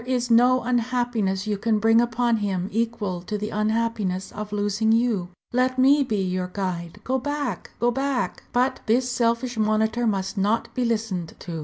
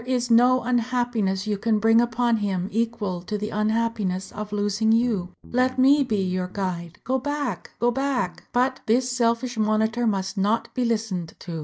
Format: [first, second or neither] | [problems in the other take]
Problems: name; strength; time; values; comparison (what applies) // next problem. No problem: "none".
first | noise reduction (neural mask model DeepFilterNet 3)